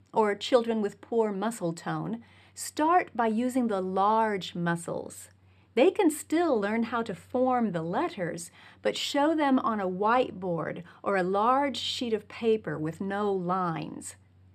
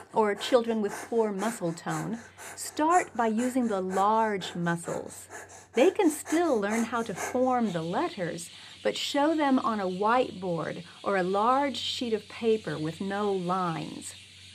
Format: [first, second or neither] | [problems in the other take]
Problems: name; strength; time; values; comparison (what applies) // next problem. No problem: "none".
first | animal sounds; noticeable; throughout; 15 dB below the speech